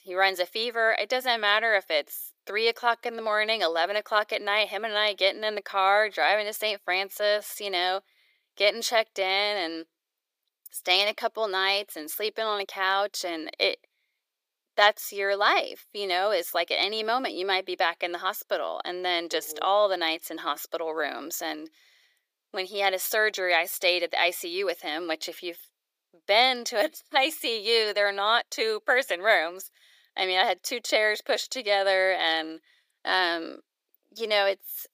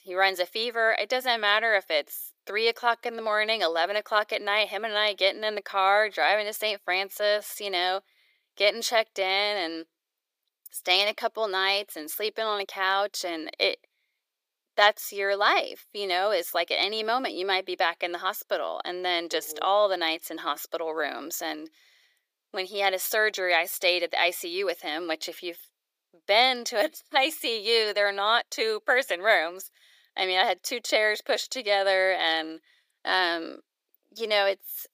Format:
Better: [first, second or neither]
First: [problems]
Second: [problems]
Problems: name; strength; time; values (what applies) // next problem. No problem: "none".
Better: neither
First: thin; very; fading below 400 Hz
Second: thin; very; fading below 400 Hz